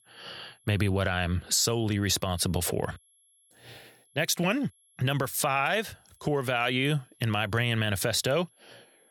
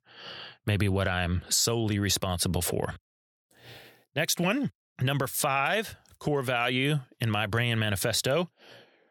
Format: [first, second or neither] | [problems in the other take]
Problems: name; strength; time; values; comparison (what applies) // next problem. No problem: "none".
second | high-pitched whine; faint; throughout; 11 kHz, 35 dB below the speech